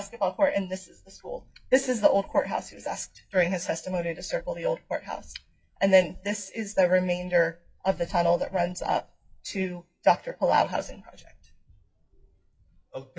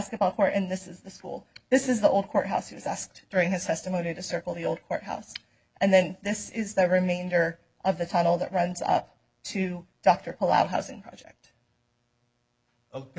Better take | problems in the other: second | noise reduction (classical method WPE with log-MMSE)

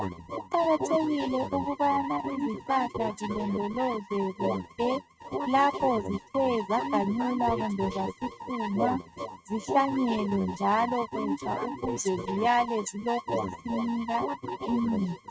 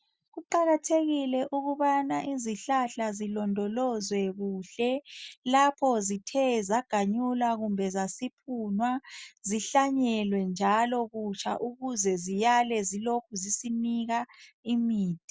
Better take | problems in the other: second | noise reduction (neural mask model RNNoise)

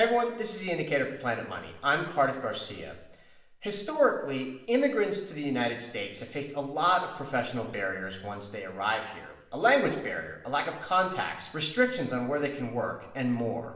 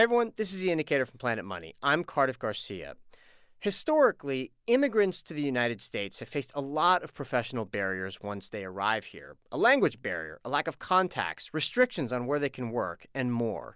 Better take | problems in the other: second | room echo; dies away in 0.8 s

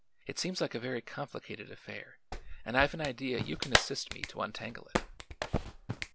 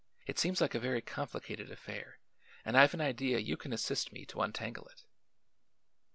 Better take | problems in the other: second | background sound (Clapping); 1 dB above the speech

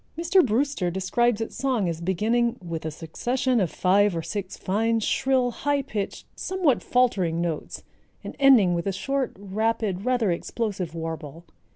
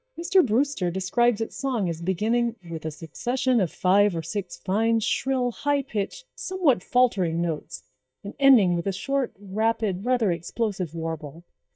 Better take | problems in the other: first | noise reduction (neural mask model DeepFilterNet 3)

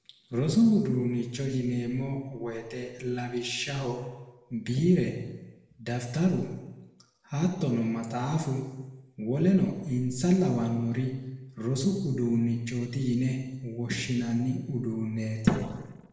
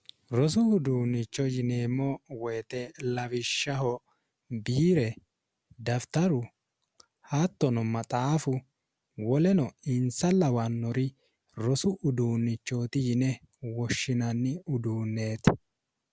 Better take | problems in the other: second | room echo; dies away in 1 s

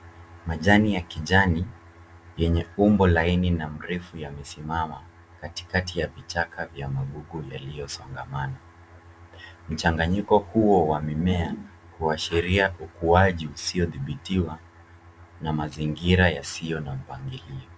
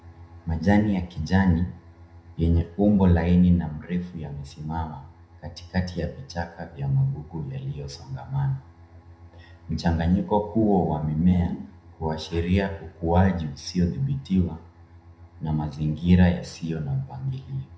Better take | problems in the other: first | room echo; dies away in 0.4 s

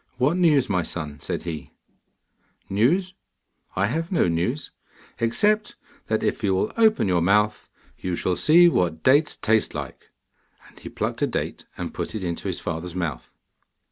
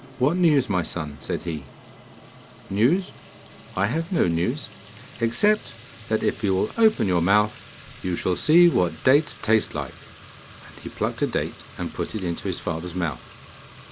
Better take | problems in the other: first | background sound (Fill (with liquid) / Trickle, dribble / Sink (filling or washing)); 20 dB below the speech

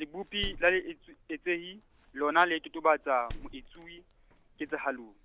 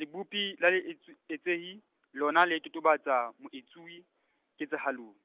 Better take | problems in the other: second | background sound (Door); 16 dB below the speech

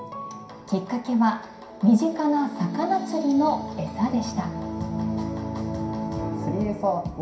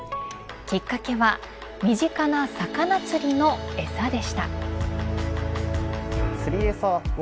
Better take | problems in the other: second | room echo; dies away in 0.5 s

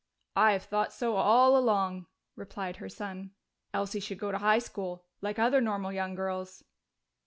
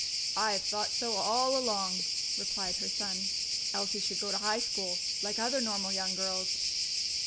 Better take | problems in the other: first | background sound (Cricket); 4 dB above the speech

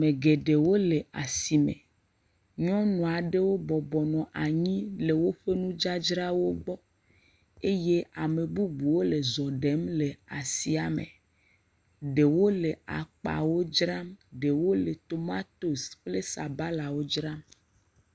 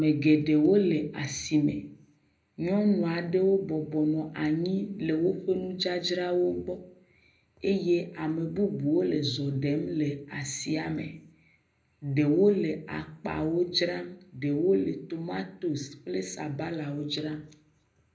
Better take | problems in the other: first | room echo; dies away in 0.5 s

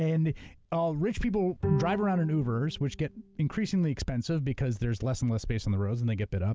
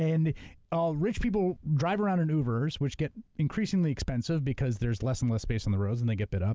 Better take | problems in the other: second | background sound (Bowed string instrument); 11 dB below the speech

